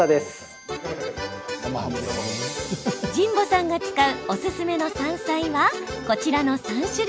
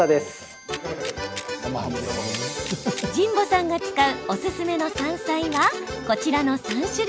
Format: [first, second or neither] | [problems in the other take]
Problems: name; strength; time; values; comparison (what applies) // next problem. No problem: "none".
first | background sound (Camera); 18 dB below the speech